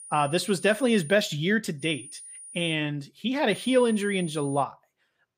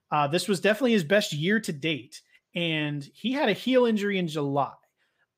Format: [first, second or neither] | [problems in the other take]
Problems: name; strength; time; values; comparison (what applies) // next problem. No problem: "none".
second | high-pitched whine; noticeable; until 1 s, at 2 s and from 3.5 to 4.5 s; 9.5 kHz, 15 dB below the speech